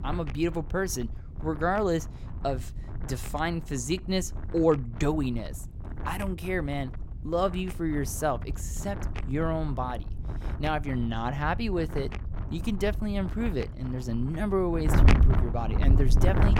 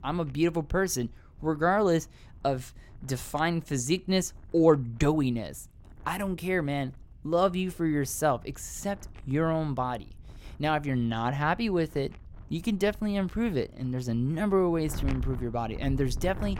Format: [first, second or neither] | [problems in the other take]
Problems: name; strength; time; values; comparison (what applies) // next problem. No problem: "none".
second | wind noise on the microphone; heavy; 9 dB below the speech; occasional gusts in the second